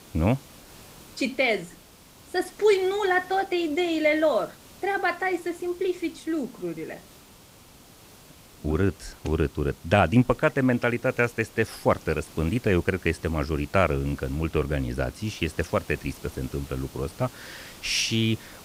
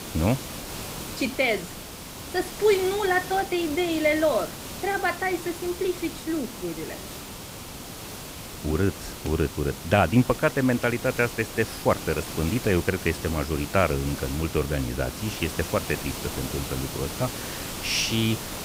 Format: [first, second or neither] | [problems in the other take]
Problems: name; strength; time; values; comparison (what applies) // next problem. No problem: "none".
first | hiss; loud; throughout; 9 dB below the speech; faint in the first